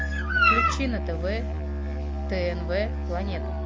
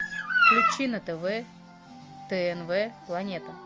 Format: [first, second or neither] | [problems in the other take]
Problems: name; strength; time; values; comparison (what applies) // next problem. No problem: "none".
second | background sound (Musical instrument); 1 dB below the speech